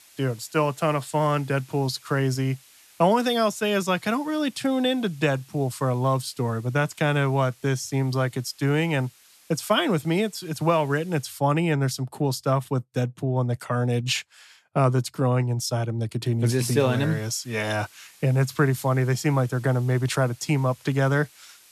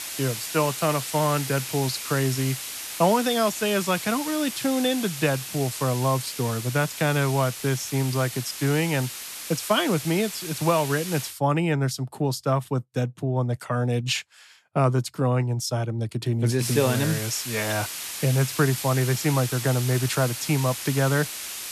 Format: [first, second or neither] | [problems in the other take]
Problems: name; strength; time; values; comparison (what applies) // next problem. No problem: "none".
first | hiss; loud; until 11 s and from 17 s on; 7 dB below the speech; faint in the first